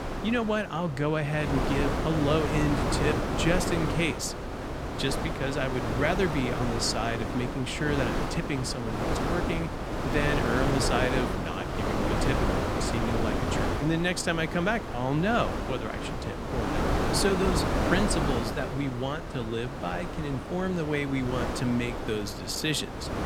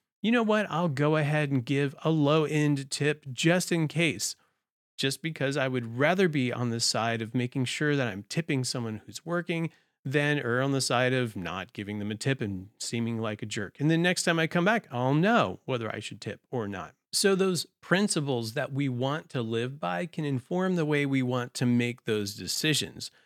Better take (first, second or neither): second